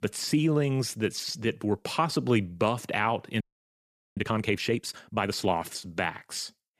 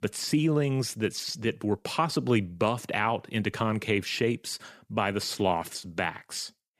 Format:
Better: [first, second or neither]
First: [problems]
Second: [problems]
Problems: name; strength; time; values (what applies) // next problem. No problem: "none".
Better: second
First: audio freezing; at 3.5 s for 1 s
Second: none